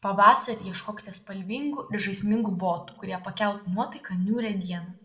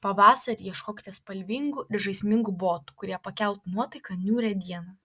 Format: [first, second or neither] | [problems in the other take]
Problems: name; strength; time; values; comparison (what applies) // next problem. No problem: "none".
second | room echo; dies away in 0.4 s